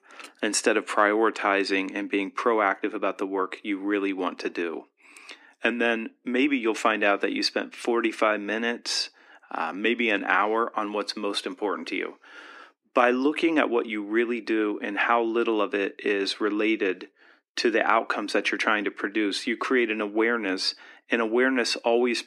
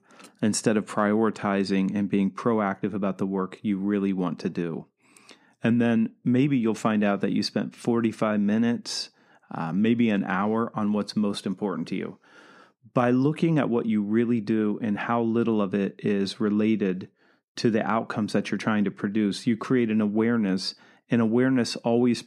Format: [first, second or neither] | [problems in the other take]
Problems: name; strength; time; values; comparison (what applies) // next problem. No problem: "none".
second | thin; somewhat; fading below 300 Hz